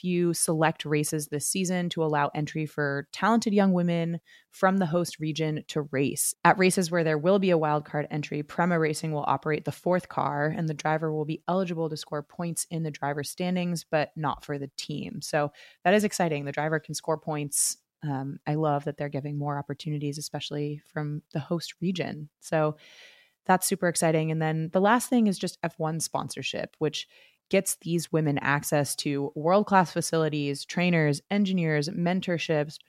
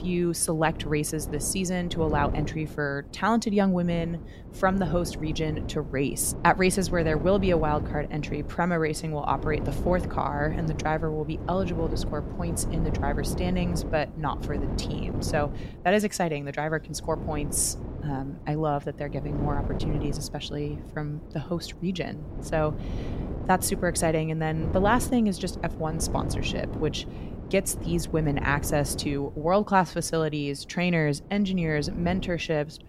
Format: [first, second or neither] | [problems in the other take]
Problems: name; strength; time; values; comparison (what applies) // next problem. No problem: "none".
first | wind noise on the microphone; occasional gusts; 10 dB below the speech